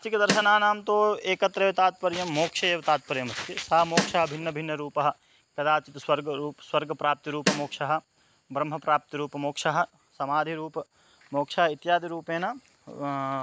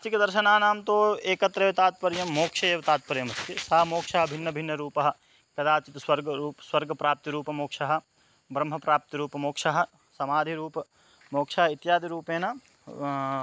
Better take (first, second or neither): second